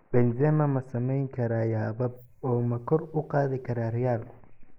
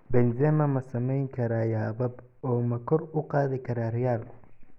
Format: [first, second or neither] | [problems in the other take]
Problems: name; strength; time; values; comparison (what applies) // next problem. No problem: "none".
second | noise reduction (neural mask model Resemble Enhance denoiser)